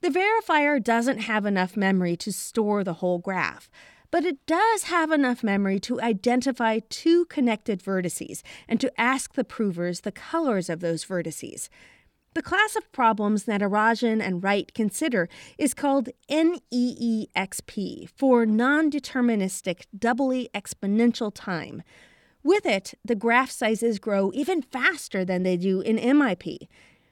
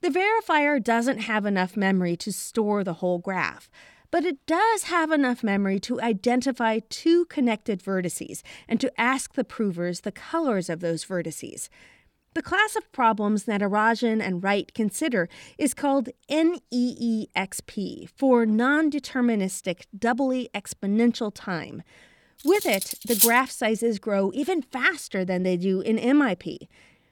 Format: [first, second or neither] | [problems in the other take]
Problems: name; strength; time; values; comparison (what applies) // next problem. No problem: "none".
first | clattering dishes; loud; at 23 s; peak 5 dB above the speech